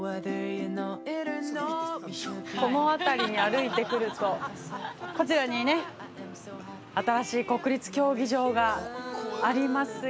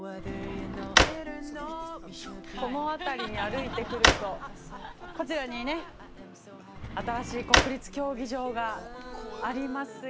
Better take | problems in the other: first | background sound (Drawer open or close); 3 dB above the speech

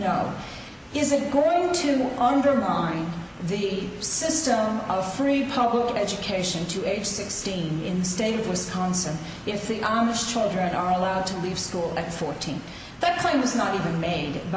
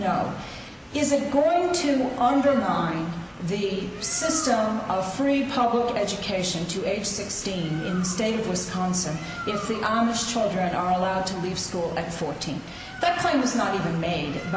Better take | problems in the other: first | background sound (Bird); 18 dB below the speech

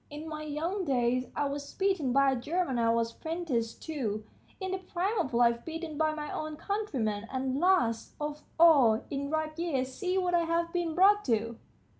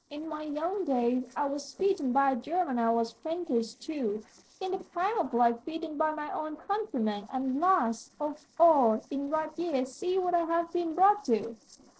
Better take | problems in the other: first | noise reduction (neural separator model SepFormer DNS4)

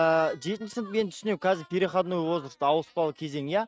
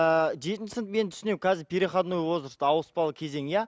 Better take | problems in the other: second | noise reduction (neural mask model RNNoise)

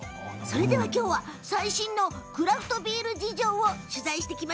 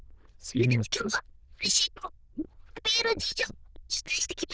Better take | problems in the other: first | noise reduction (neural diffusion model UNIVERSE++)

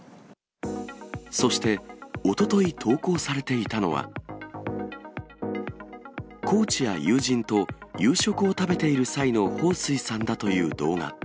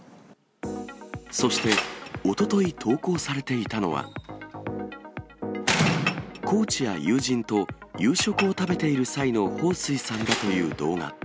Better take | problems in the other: first | background sound (Chink, clink + Slam); 7 dB below the speech

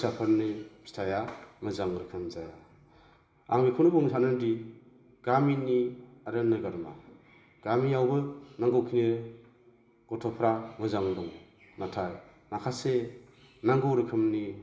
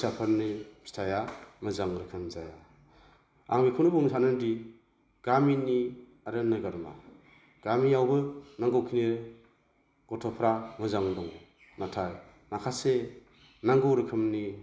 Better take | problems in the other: second | room echo; dies away in 1 s

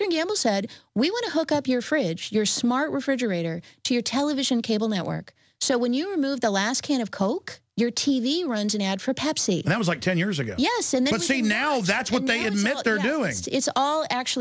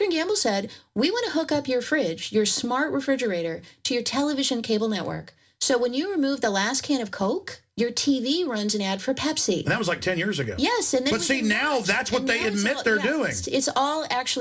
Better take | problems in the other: first | room echo; dies away in 0.2 s

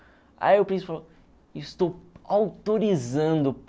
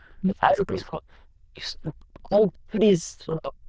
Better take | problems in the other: first | noise reduction (neural diffusion model UNIVERSE++)

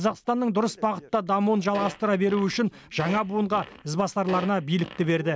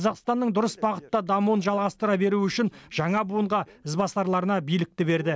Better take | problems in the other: second | background sound (Fart); 16 dB below the speech

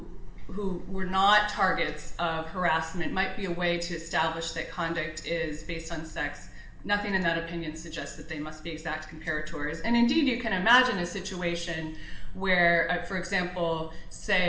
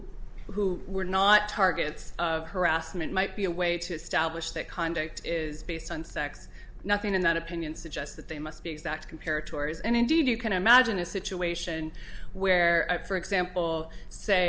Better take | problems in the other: second | room echo; dies away in 1 s

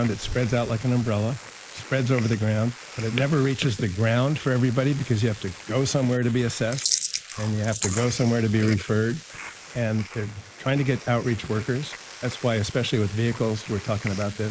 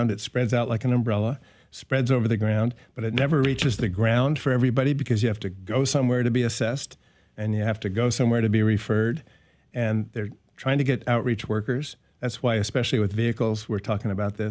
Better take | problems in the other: second | noise reduction (neural mask model Resemble Enhance denoiser)

